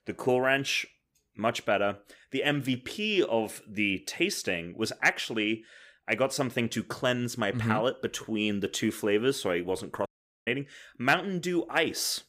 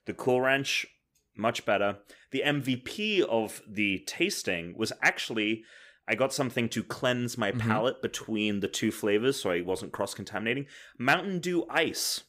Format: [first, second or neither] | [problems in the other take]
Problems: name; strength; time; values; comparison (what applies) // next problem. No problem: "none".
second | audio cutting out; at 10 s